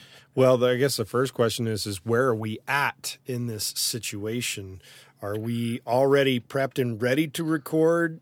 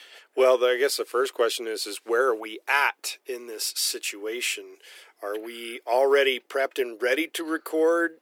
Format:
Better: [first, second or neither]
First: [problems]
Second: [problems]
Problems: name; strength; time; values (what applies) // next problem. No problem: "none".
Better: first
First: none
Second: thin; very; fading below 350 Hz